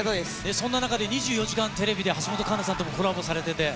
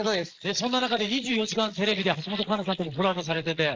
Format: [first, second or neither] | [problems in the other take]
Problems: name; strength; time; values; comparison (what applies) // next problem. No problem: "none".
first | noise reduction (neural mask model Resemble Enhance denoiser)